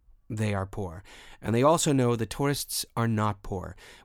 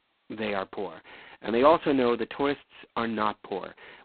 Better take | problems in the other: first | phone-call audio; poor line; nothing above 4 kHz

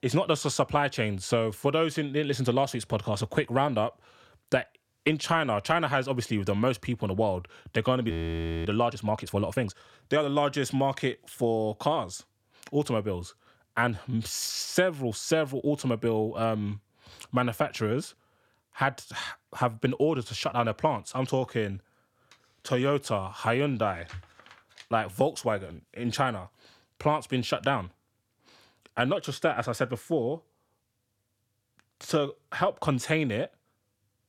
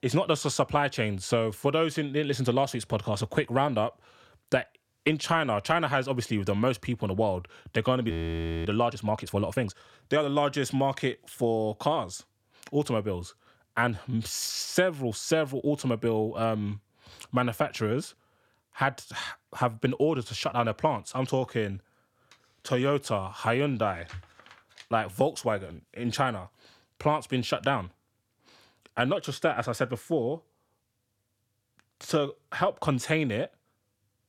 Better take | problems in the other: neither | audio freezing; at 8 s for 0.5 s; the same in both

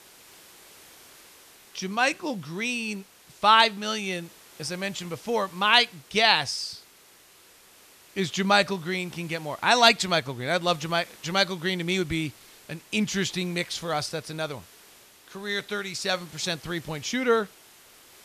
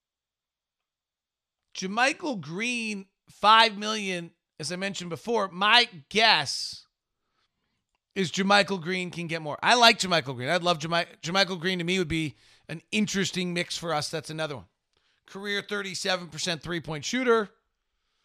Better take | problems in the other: second | hiss; faint; throughout; 25 dB below the speech

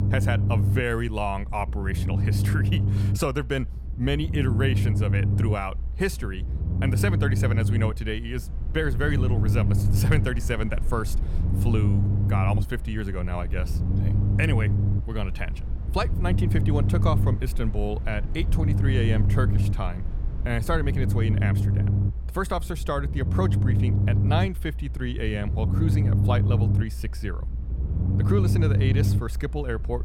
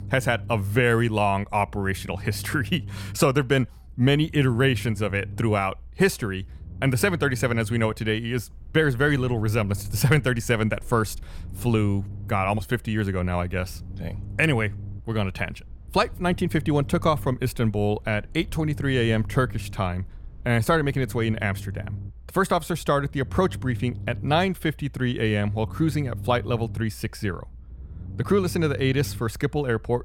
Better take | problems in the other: second | low rumble; loud; throughout; 6 dB below the speech; faint in the second

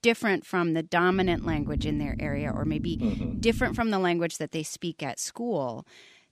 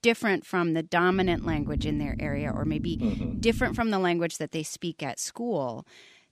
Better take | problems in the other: neither | low rumble; noticeable; from 1 to 4 s; 15 dB below the speech; the same in both

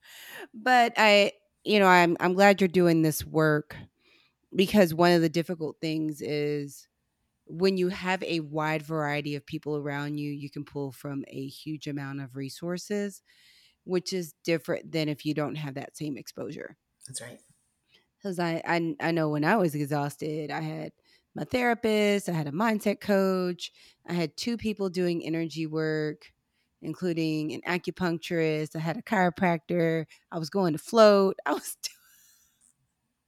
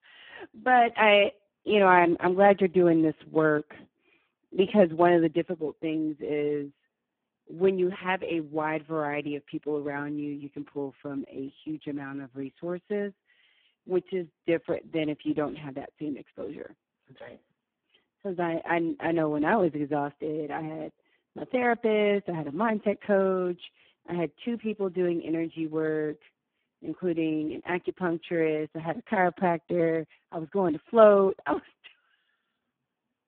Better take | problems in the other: first | phone-call audio; poor line

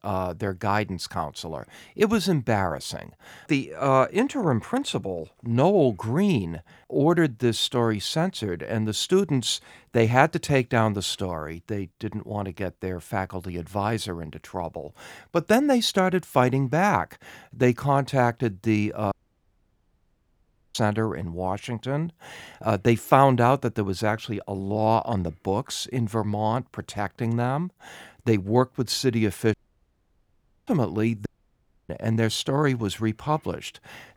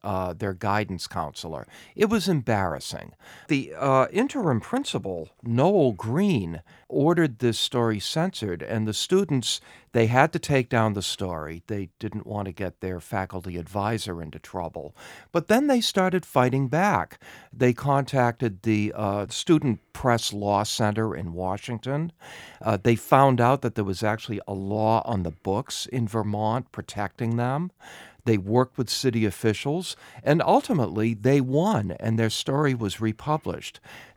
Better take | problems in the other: second | audio cutting out; at 19 s for 1.5 s, at 30 s for 1 s and at 31 s for 0.5 s

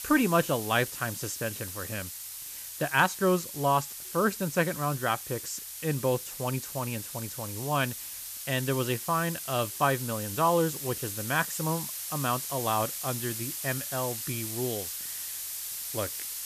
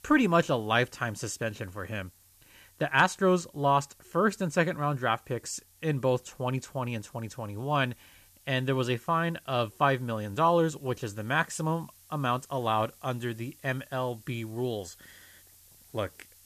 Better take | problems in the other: second | hiss; loud; throughout; 5 dB below the speech; faint in the second

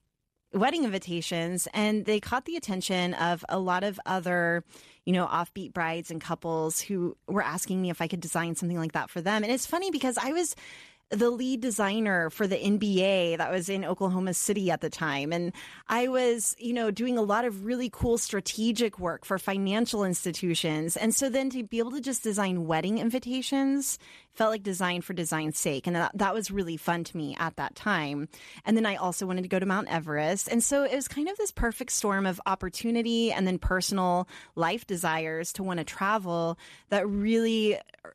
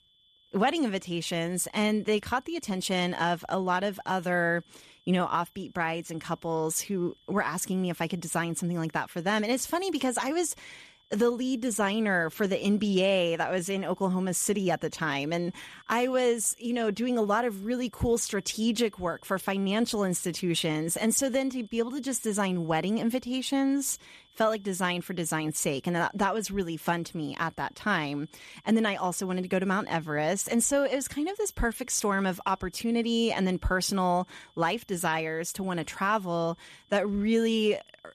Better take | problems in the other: first | high-pitched whine; faint; throughout; 3.5 kHz, 30 dB below the speech

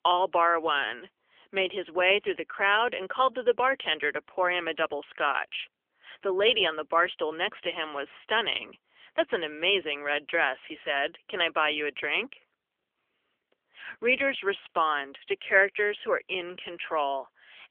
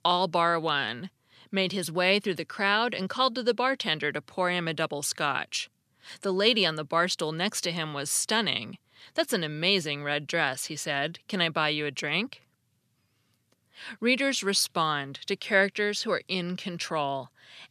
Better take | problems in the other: second | phone-call audio; nothing above 3.5 kHz

